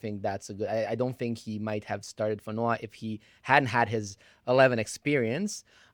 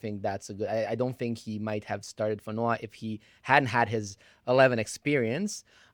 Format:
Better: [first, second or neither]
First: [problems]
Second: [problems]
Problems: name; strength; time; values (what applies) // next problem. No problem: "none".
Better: neither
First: none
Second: none